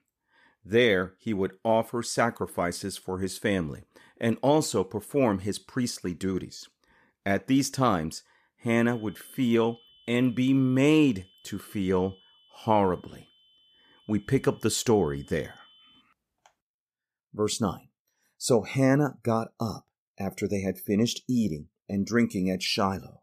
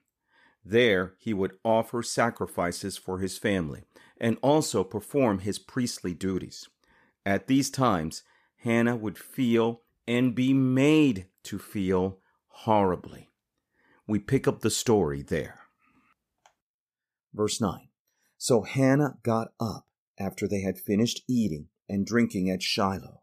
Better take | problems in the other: second | high-pitched whine; faint; from 9 to 16 s; 3 kHz, 30 dB below the speech

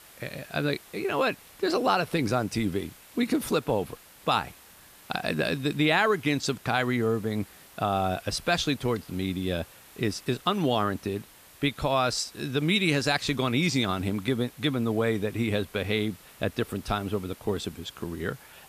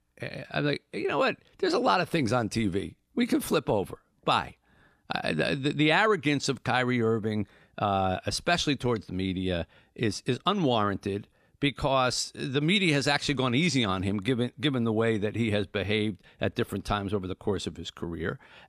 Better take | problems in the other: second | hiss; faint; throughout; 20 dB below the speech

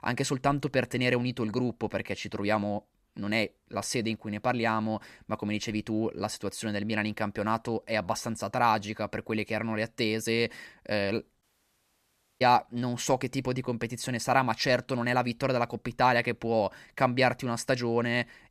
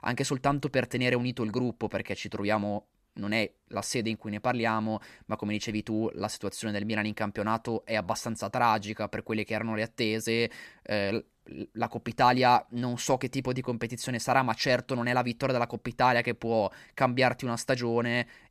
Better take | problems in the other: second | audio cutting out; at 11 s for 1 s

